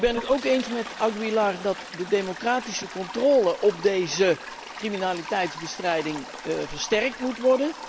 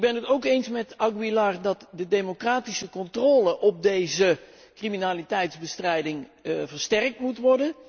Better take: second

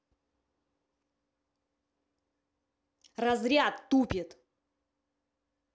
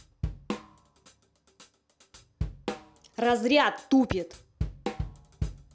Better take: first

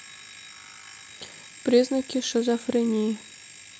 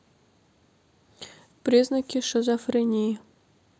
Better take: second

